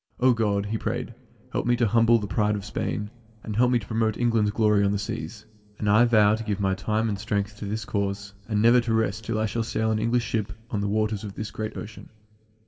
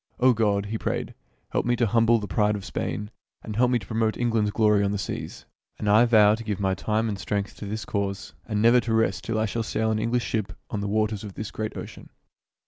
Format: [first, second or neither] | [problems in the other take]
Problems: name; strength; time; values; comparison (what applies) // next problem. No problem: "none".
second | room echo; dies away in 1.5 s